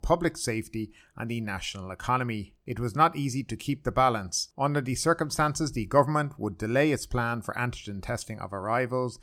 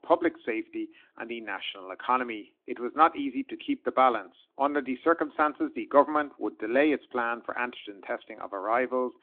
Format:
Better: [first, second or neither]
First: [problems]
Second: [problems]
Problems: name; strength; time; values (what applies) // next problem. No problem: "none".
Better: first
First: none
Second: phone-call audio; nothing above 3.5 kHz